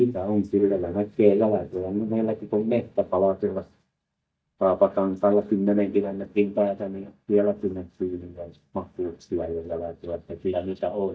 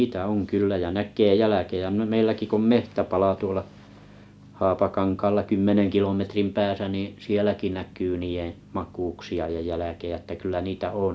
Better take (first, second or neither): second